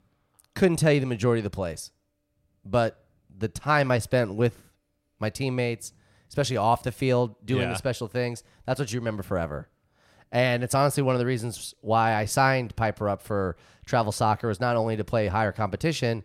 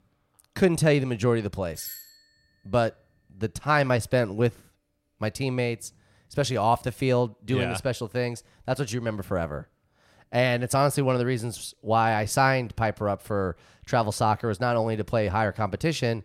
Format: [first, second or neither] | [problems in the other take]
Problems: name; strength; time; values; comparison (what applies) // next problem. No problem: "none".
first | doorbell; faint; at 2 s; peak 10 dB below the speech